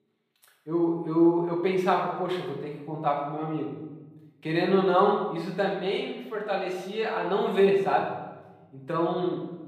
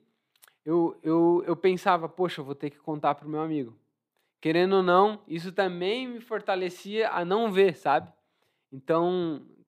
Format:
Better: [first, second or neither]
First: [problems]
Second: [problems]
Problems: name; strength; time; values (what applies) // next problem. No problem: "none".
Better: second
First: room echo; noticeable; dies away in 1 s // off-mic speech; far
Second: none